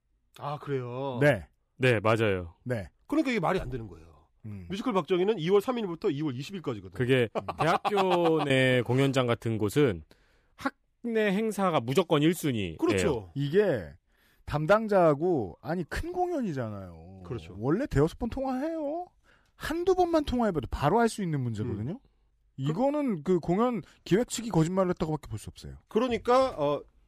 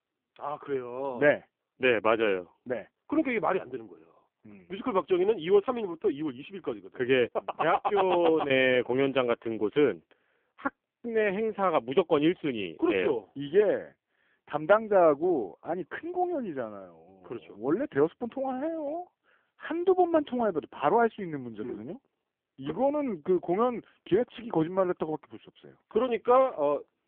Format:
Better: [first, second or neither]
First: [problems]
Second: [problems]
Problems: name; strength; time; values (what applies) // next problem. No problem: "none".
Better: first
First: none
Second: phone-call audio; poor line; nothing above 3.5 kHz